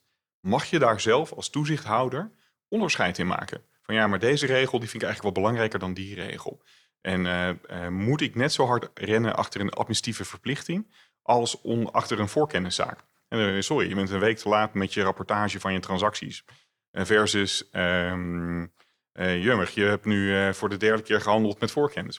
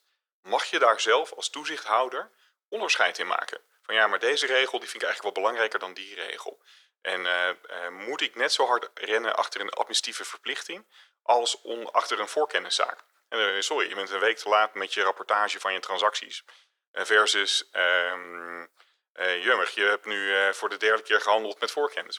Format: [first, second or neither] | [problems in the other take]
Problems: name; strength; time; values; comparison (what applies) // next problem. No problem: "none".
first | thin; very; fading below 450 Hz